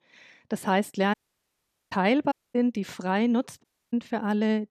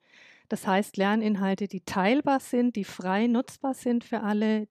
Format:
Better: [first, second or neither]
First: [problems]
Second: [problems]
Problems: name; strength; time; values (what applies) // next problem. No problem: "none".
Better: second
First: audio cutting out; at 1 s for 1 s, at 2.5 s and at 3.5 s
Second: none